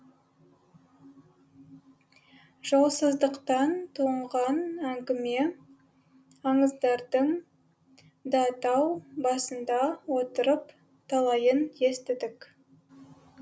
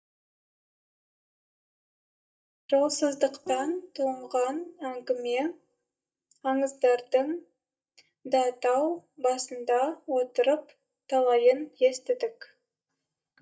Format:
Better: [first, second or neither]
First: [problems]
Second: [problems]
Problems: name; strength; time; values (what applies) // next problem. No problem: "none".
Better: first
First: none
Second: noise reduction (neural mask model DeepFilterNet 3)